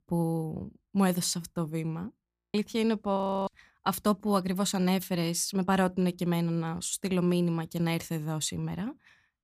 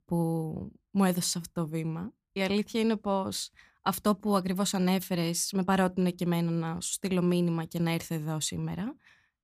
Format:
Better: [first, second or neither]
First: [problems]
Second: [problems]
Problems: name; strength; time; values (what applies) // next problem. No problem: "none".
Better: second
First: audio freezing; at 2.5 s and at 3 s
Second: none